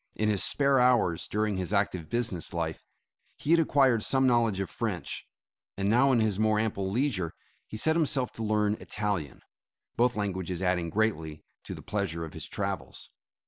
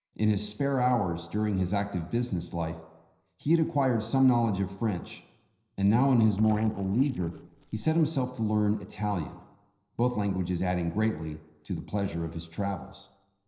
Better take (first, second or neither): first